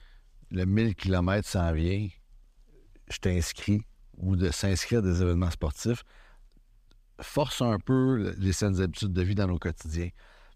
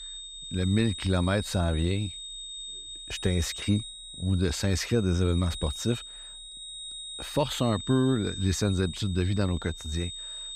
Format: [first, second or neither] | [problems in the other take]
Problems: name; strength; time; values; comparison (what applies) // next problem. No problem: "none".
first | high-pitched whine; loud; throughout; 3.5 kHz, 10 dB below the speech